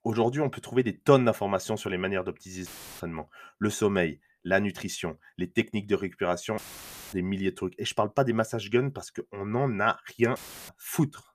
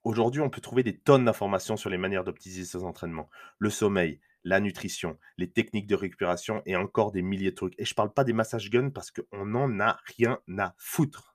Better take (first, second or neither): second